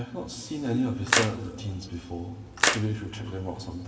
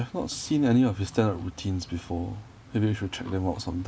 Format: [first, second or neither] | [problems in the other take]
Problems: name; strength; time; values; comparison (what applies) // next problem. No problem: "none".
second | background sound (Splash, splatter); 1 dB above the speech // room echo; dies away in 1.9 s